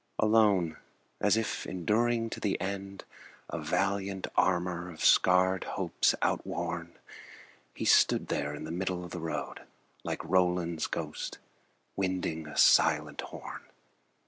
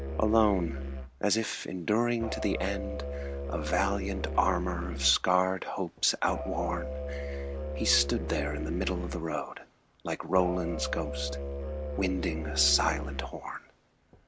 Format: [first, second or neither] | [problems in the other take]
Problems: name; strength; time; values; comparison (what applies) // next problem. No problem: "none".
first | background sound (Musical instrument); 5 dB below the speech